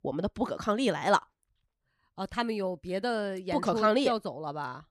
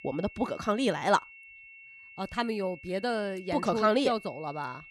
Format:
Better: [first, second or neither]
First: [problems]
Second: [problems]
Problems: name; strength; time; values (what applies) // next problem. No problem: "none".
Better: first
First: none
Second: high-pitched whine; noticeable; throughout; 2.5 kHz, 20 dB below the speech